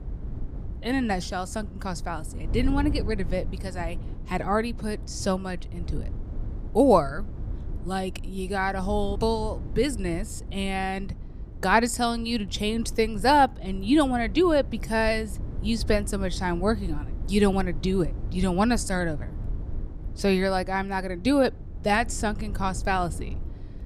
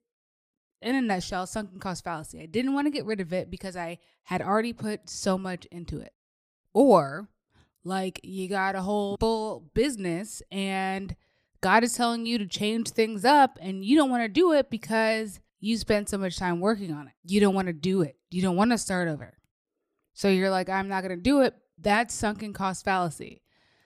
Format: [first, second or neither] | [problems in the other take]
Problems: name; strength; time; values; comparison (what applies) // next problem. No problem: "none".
second | wind noise on the microphone; occasional gusts; 20 dB below the speech